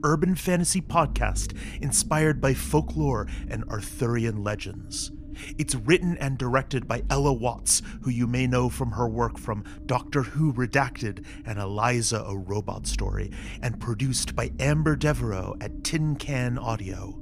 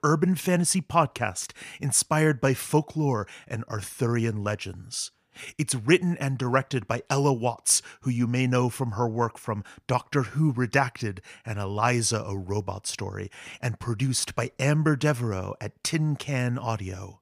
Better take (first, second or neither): second